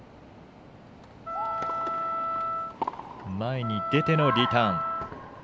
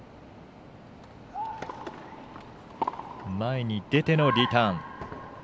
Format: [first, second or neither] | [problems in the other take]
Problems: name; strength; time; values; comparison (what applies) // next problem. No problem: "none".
second | background sound (Wind instrument, woodwind instrument); 2 dB below the speech